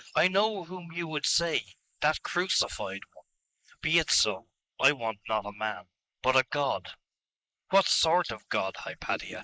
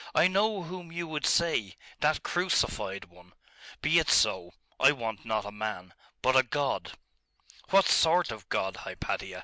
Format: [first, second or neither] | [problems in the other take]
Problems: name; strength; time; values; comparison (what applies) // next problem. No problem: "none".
second | noise reduction (neural mask model Resemble Enhance denoiser)